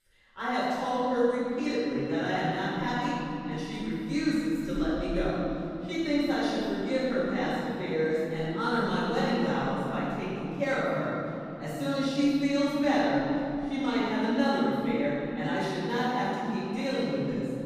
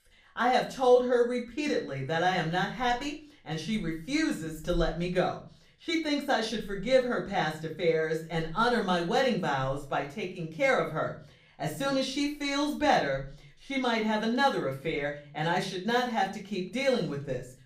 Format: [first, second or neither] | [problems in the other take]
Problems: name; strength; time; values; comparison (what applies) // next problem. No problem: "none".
second | room echo; strong; dies away in 3 s; slight in the second // off-mic speech; far; far in the second